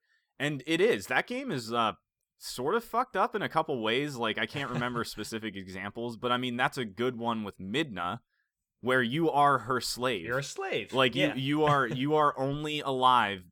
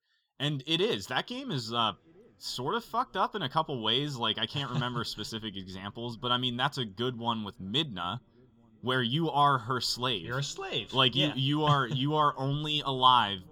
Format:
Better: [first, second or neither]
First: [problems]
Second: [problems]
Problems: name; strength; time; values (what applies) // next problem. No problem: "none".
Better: first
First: none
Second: room echo; slight; dies away in 3 s